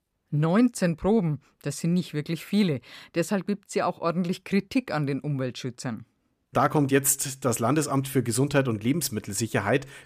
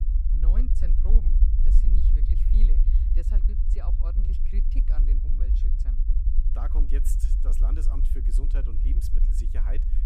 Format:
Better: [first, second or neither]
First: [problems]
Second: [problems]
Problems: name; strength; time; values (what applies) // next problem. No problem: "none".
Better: first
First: none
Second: low rumble; loud; throughout; 1 dB below the speech